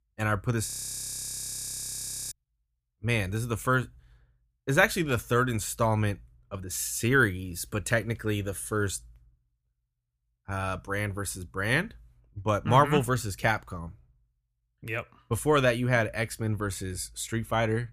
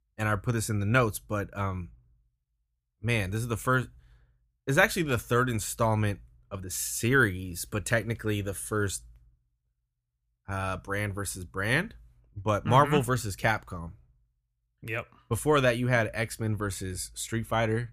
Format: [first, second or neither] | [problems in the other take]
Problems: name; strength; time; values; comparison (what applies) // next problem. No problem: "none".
second | audio freezing; at 0.5 s for 1.5 s